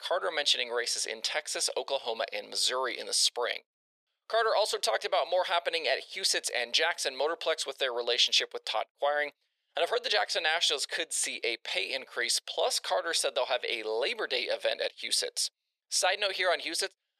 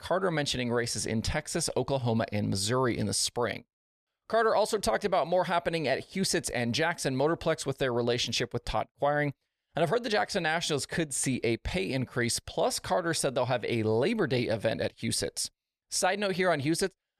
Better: second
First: thin; very; fading below 500 Hz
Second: none

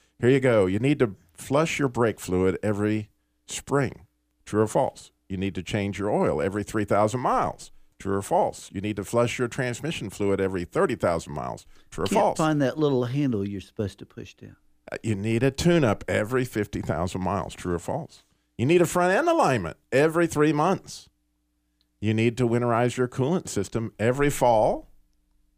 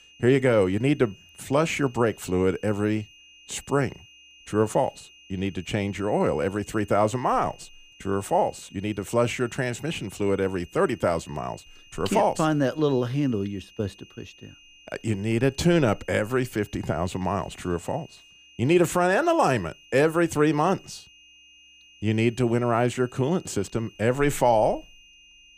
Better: first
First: none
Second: high-pitched whine; faint; throughout; 3 kHz, 25 dB below the speech

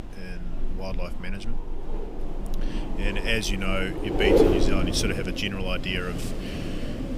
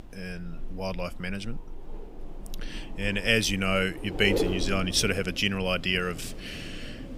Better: second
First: wind noise on the microphone; heavy; as loud as the speech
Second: wind noise on the microphone; occasional gusts; 10 dB below the speech

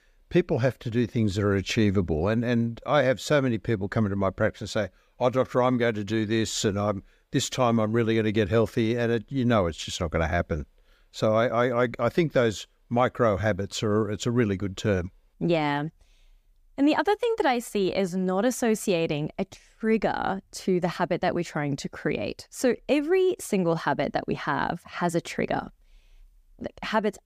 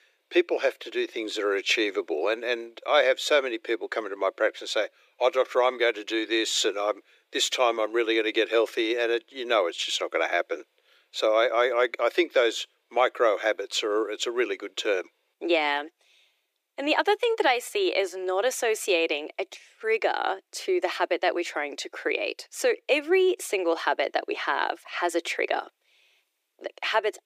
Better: first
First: none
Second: thin; very; fading below 350 Hz

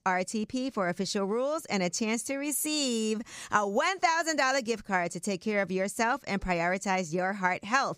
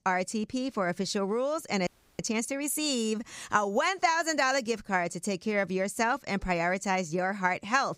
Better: first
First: none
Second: audio freezing; at 2 s

